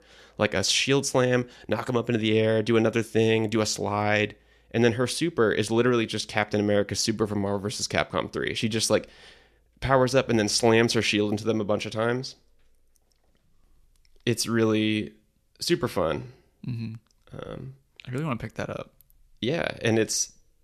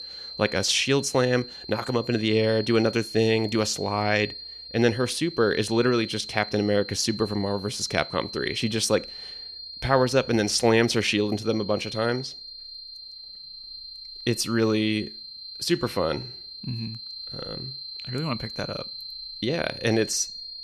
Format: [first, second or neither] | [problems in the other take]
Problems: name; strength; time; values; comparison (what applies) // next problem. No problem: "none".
first | high-pitched whine; noticeable; throughout; 4 kHz, 10 dB below the speech